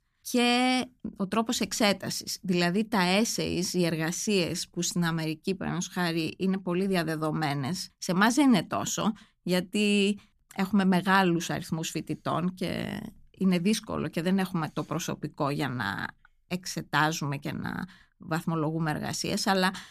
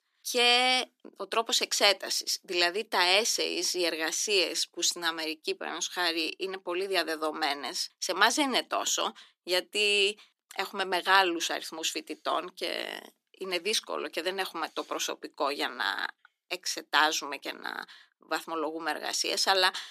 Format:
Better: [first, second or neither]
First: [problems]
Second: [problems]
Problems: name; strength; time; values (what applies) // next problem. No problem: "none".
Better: first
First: none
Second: thin; very; fading below 350 Hz